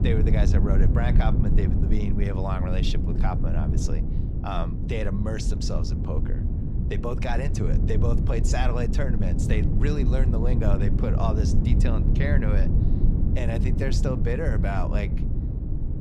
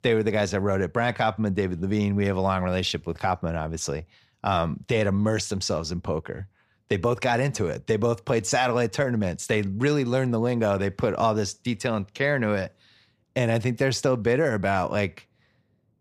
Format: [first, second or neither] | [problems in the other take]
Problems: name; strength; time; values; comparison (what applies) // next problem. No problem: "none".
second | low rumble; loud; throughout; 4 dB below the speech